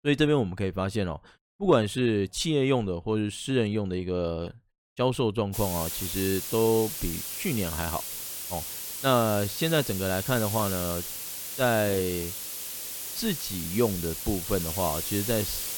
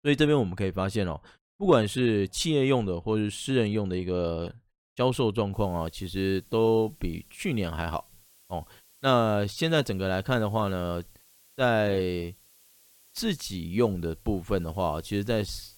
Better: second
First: hiss; loud; from 5.5 s on; 5 dB below the speech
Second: hiss; faint; from 5.5 s on; 30 dB below the speech

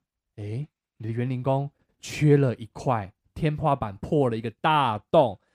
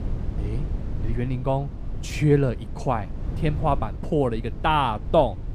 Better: first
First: none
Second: low rumble; noticeable; throughout; 20 dB below the speech

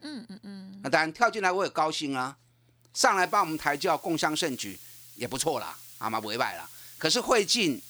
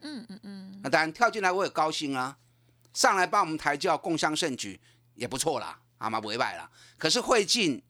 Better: second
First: hiss; noticeable; from 3 s on; 20 dB below the speech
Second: none

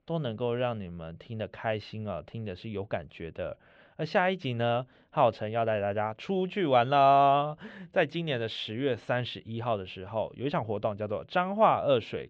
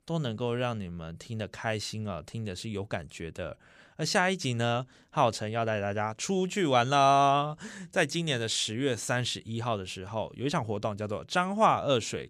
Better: second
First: muffled; very; fading above 3 kHz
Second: none

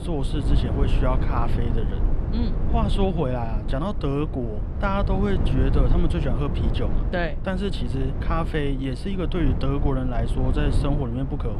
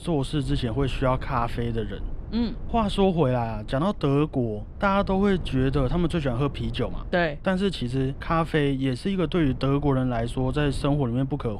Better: second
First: low rumble; loud; throughout; 7 dB below the speech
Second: low rumble; faint; throughout; 20 dB below the speech

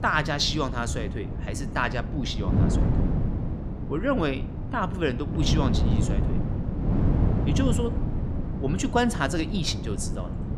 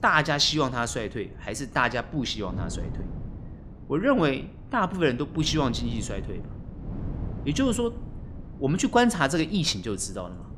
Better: second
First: wind noise on the microphone; heavy; 8 dB below the speech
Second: wind noise on the microphone; occasional gusts; 20 dB below the speech

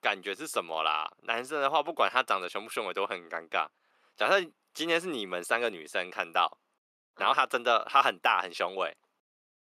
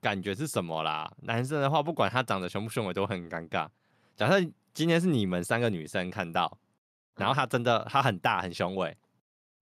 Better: second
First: thin; very; fading below 350 Hz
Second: none

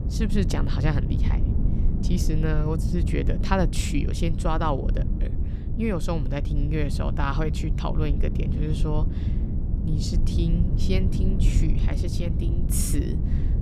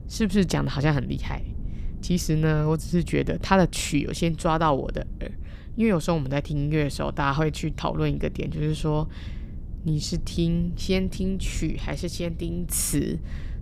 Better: second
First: low rumble; loud; throughout; 7 dB below the speech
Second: low rumble; faint; throughout; 20 dB below the speech

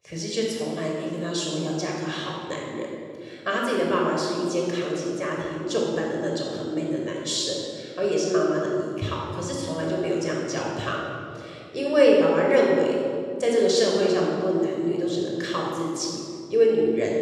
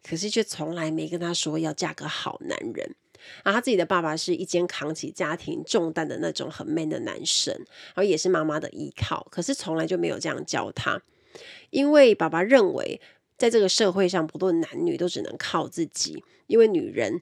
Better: second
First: off-mic speech; far // room echo; strong; dies away in 2 s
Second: none

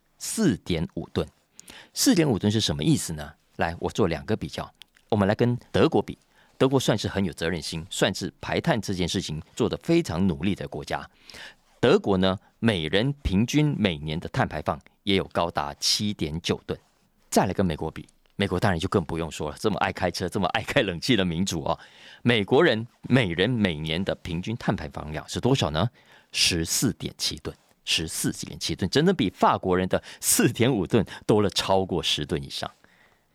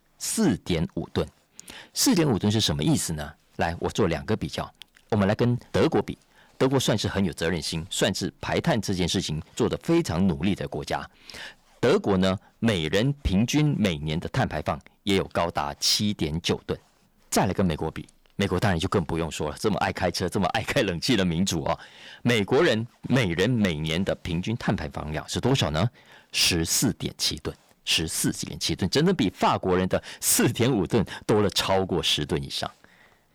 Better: first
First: none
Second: distortion; slight; 10 dB below the speech

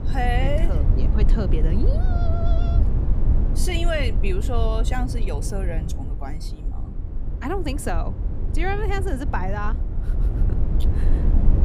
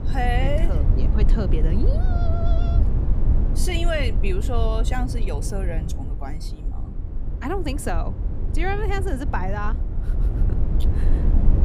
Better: neither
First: low rumble; loud; throughout; 9 dB below the speech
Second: low rumble; loud; throughout; 9 dB below the speech

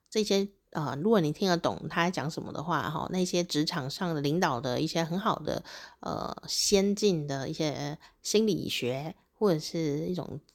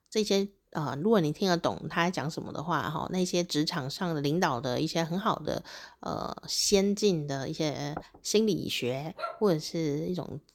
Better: first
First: none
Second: door banging; faint; at 8 s; peak 15 dB below the speech // dog barking; noticeable; at 9 s; peak 9 dB below the speech

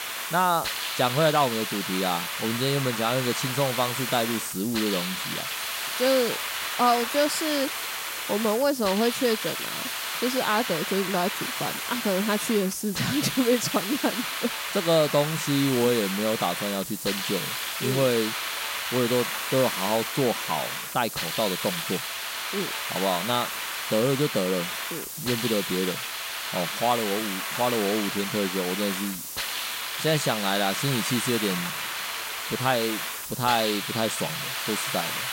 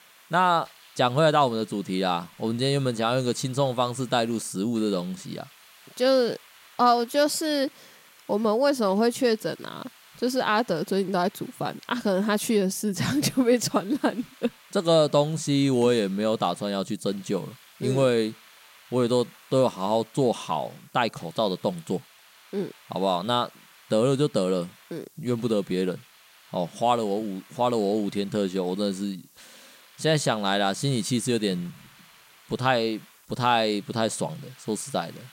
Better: second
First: hiss; loud; throughout; 2 dB below the speech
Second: hiss; faint; throughout; 25 dB below the speech

